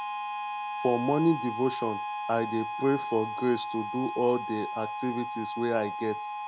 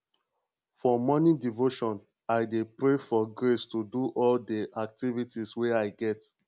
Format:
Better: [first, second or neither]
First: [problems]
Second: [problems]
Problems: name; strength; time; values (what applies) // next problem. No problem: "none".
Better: second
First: background sound (Harmonica); 5 dB below the speech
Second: none